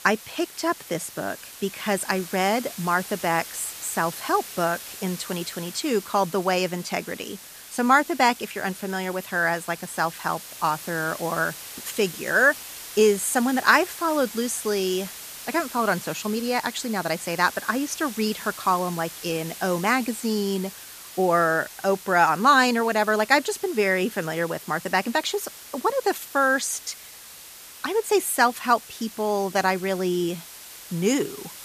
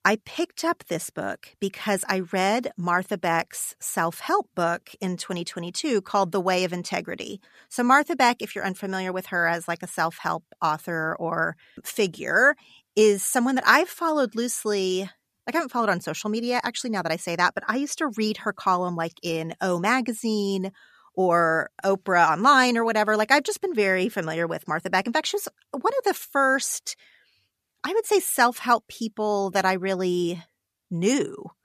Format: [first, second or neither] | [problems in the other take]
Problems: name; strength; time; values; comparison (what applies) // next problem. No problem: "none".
second | hiss; noticeable; throughout; 15 dB below the speech